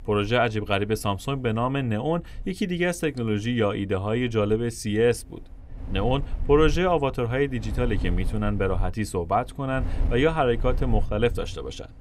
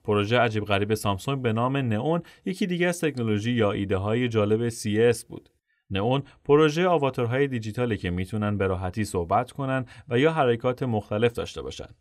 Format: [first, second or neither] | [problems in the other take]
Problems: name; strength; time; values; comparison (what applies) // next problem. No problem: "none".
second | wind noise on the microphone; occasional gusts; 20 dB below the speech